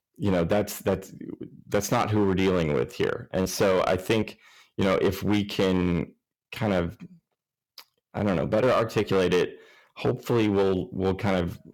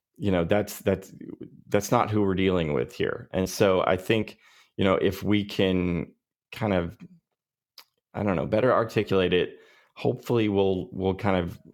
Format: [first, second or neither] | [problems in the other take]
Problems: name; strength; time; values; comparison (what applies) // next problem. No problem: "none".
second | distortion; slight; 6% of the sound clipped